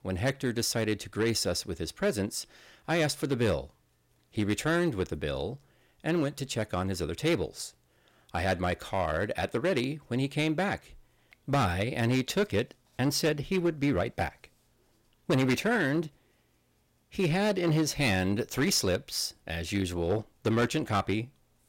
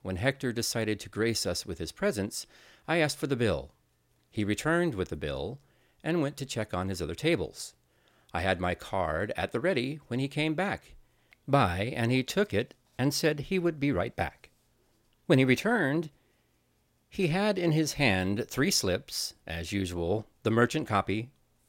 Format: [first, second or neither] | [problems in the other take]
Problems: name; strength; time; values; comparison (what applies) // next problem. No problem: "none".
second | distortion; slight; 4% of the sound clipped